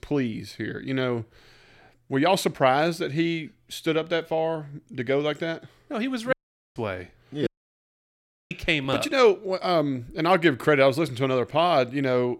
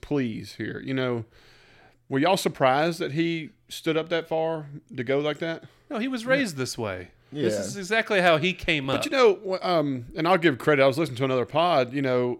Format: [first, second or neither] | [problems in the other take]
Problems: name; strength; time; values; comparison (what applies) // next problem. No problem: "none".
second | audio cutting out; at 6.5 s and at 7.5 s for 1 s